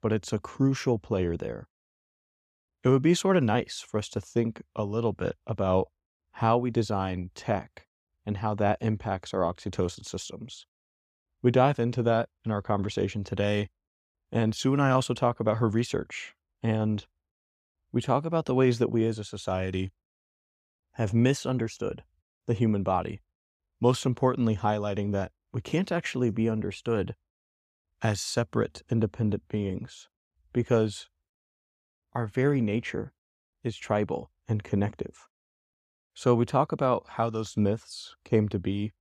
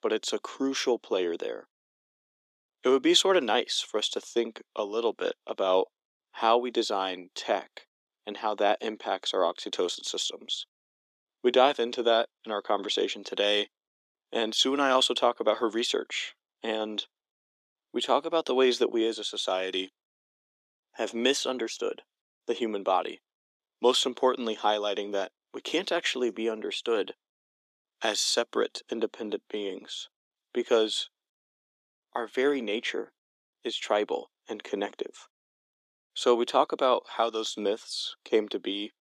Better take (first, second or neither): first